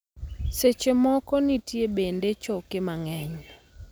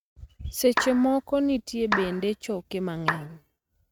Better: first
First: none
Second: noise reduction (neural mask model RNNoise)

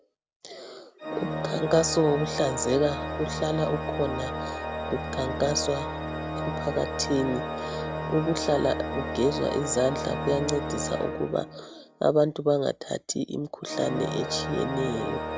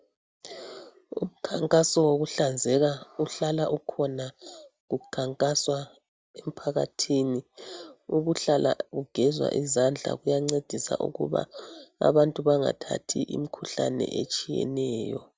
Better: second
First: background sound (Organ); 4 dB below the speech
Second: none

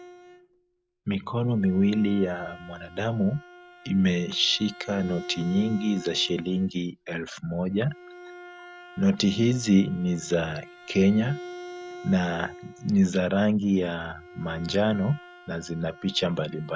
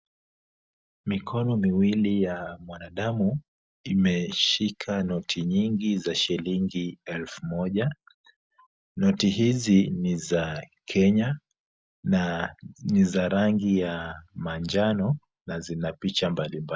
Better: second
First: background sound (Bowed string instrument); 18 dB below the speech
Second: none

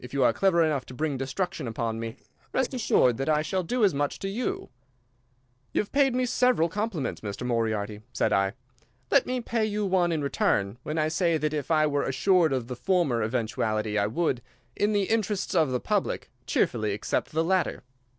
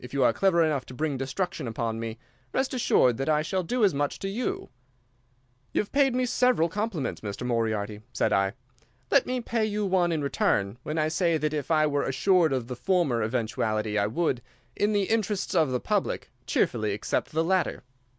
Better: second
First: noise reduction (neural separator model SepFormer DNS4)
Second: none

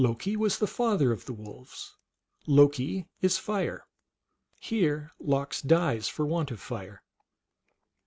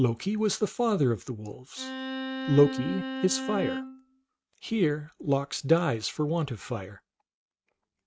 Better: first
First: none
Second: noise reduction (neural mask model RNNoise)

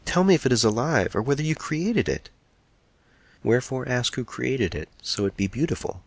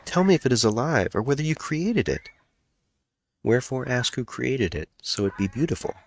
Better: first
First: none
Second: noise reduction (neural mask model RNNoise)

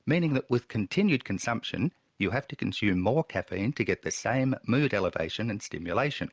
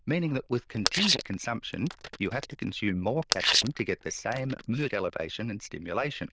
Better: first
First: none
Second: noise reduction (neural diffusion model UNIVERSE++)

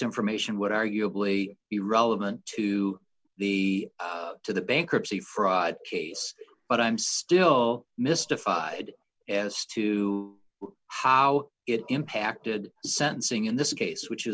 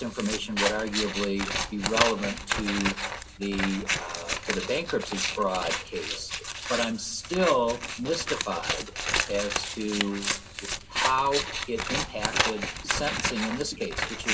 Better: first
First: none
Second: background sound (Scissors); 1 dB below the speech // room echo; dies away in 1.6 s

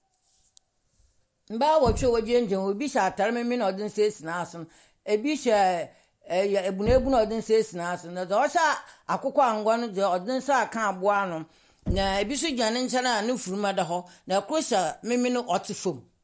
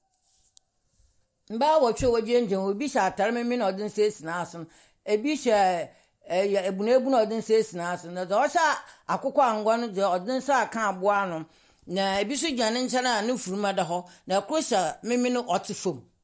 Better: second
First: background sound (Knock); 15 dB below the speech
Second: none

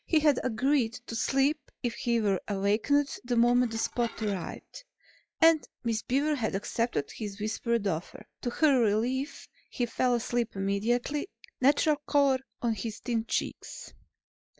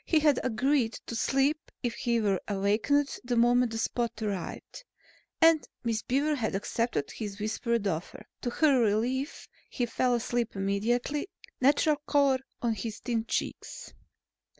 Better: second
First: noise reduction (classical method log-MMSE)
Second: none

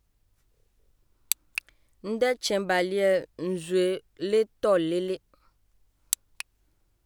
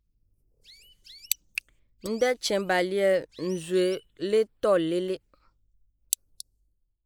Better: first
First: none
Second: noise reduction (neural mask model Resemble Enhance denoiser)

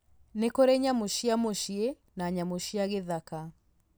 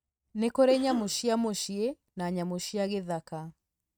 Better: first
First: none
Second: noise reduction (neural mask model RNNoise)

